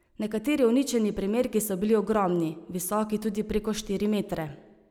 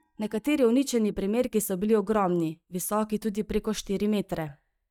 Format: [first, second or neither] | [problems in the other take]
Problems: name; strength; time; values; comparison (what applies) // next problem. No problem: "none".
first | noise reduction (neural mask model DeepFilterNet 3)